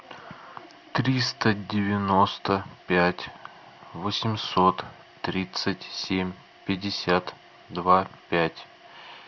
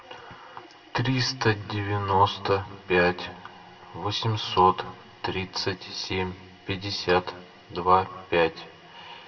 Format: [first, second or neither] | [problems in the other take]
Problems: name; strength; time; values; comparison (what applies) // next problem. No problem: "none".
first | room echo; dies away in 1.8 s